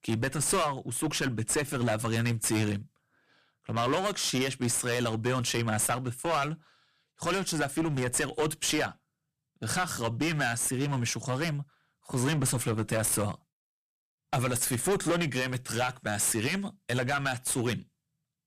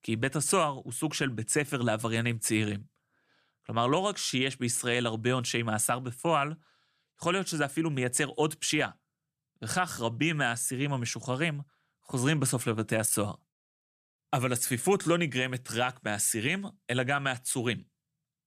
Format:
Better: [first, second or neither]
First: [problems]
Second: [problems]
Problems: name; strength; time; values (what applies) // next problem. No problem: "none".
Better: second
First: distortion; heavy; 11% of the sound clipped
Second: none